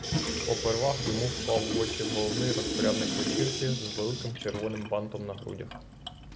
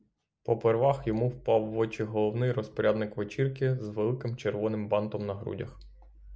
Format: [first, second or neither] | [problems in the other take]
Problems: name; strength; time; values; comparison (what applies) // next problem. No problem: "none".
second | background sound (Sink (filling or washing) / Water tap, faucet); 1 dB below the speech